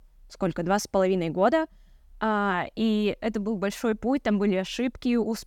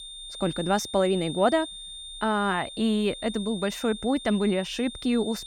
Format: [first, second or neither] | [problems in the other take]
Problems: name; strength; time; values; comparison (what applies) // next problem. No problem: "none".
first | high-pitched whine; noticeable; throughout; 3.5 kHz, 10 dB below the speech